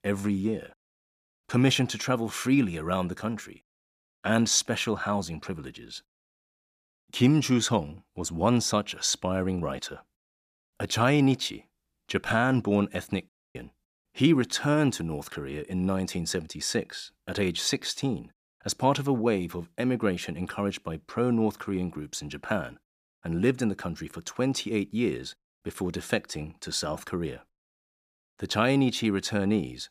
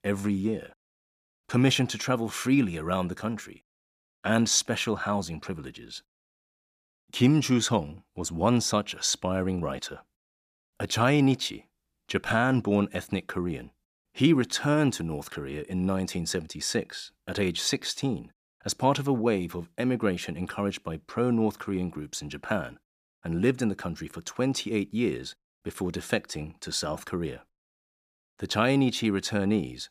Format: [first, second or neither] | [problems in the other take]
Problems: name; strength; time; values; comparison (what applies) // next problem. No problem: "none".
second | audio cutting out; at 13 s